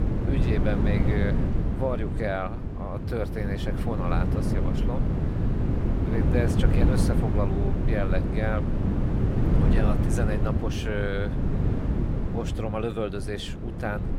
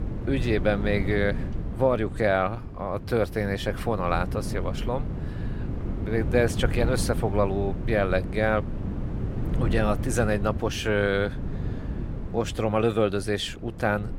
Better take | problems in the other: second | wind noise on the microphone; heavy; 2 dB below the speech; occasional gusts in the second

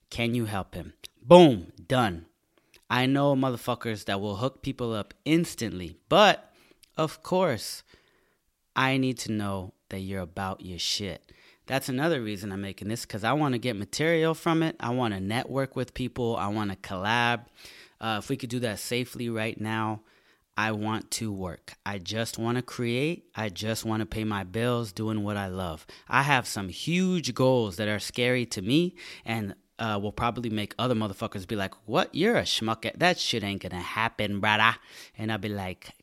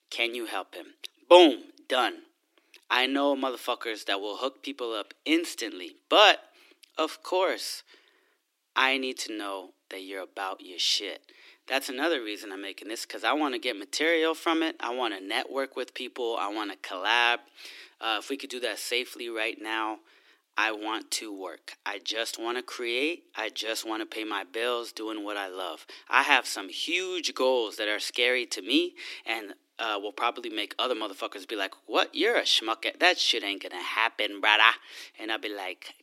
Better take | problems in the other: first | thin; somewhat; fading below 300 Hz

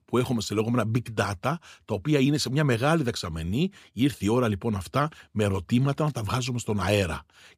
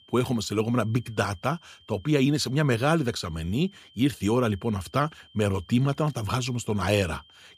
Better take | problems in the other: first | high-pitched whine; faint; throughout; 3 kHz, 25 dB below the speech

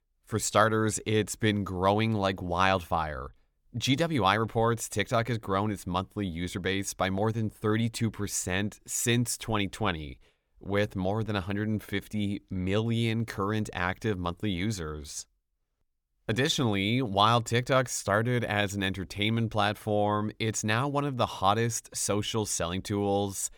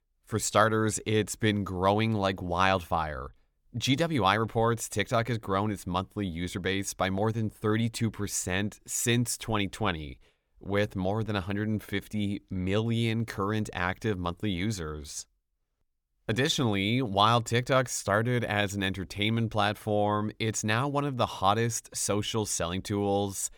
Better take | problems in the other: neither | none

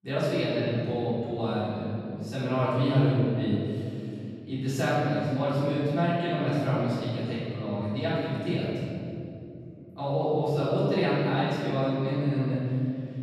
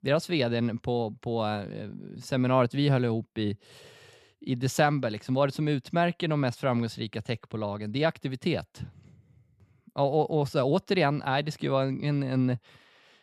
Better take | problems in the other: second | room echo; strong; dies away in 2.6 s // off-mic speech; far

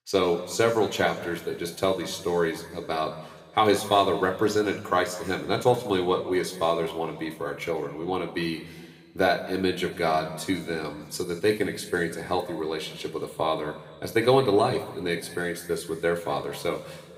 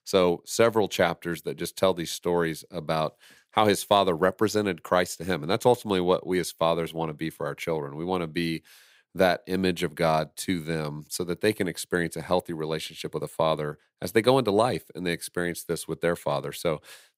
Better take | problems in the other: second | room echo; slight; dies away in 1.5 s // off-mic speech; somewhat distant

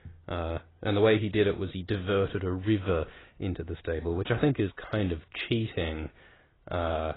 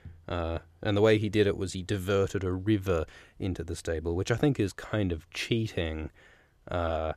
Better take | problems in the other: second | garbled, watery; badly; nothing above 4 kHz

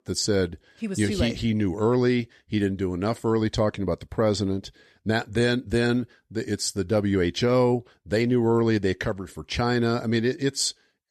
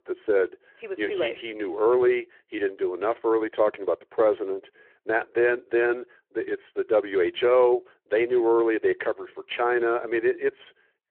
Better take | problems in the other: first | phone-call audio

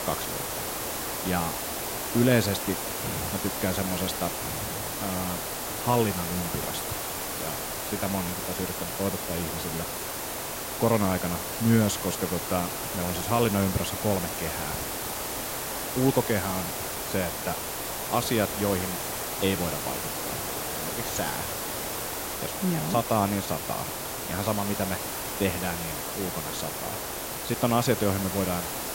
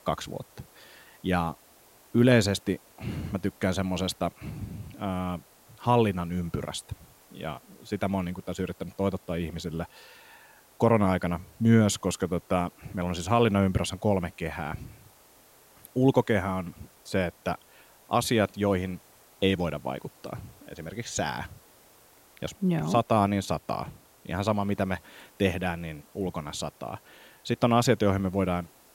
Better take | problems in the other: second | hiss; loud; throughout; 1 dB below the speech; faint in the second

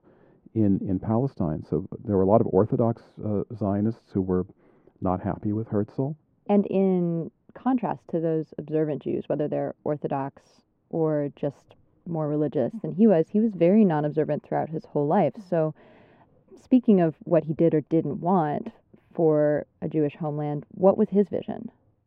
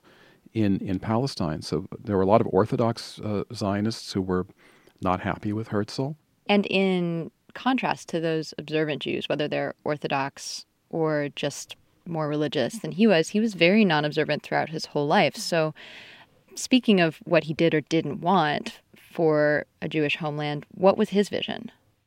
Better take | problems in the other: second | muffled; very; fading above 2 kHz

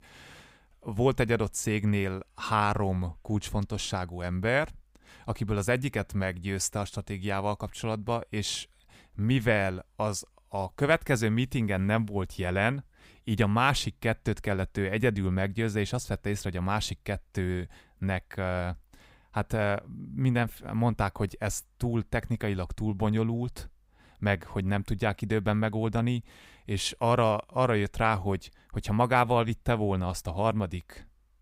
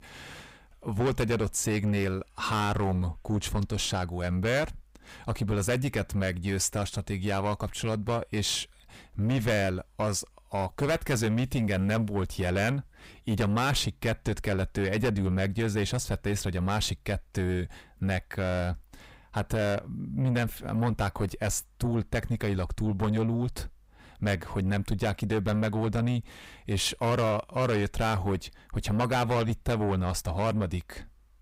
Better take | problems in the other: first | distortion; heavy; 7 dB below the speech

